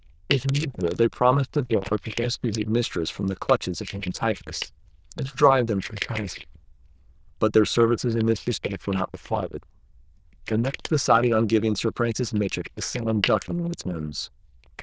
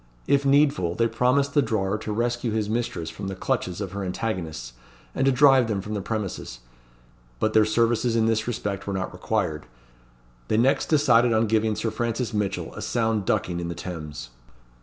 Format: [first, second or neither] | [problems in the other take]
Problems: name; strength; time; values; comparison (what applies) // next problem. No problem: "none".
second | noise reduction (neural diffusion model UNIVERSE++)